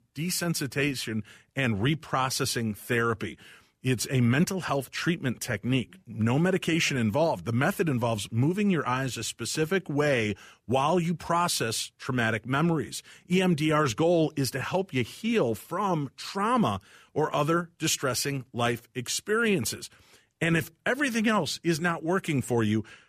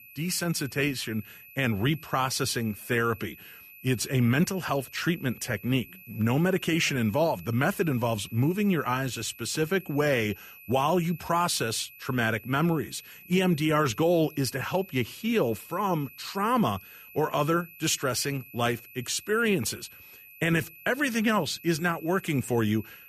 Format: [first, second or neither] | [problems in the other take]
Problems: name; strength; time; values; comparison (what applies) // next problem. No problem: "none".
first | high-pitched whine; noticeable; throughout; 2.5 kHz, 20 dB below the speech